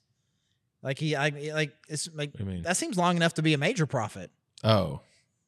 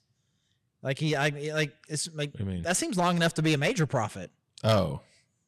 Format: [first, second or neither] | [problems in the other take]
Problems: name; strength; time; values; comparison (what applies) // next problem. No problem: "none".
first | distortion; slight; 4% of the sound clipped